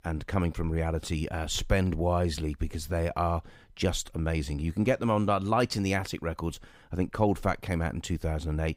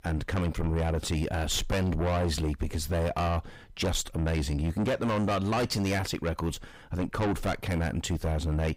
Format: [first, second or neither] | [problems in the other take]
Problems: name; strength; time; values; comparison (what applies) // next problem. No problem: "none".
first | distortion; heavy; 6 dB below the speech